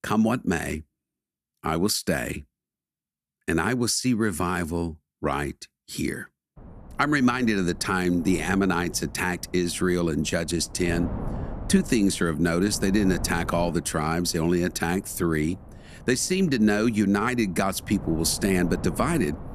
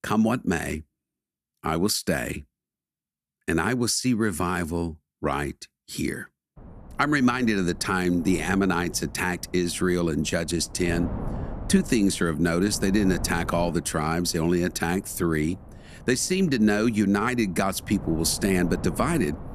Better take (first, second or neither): neither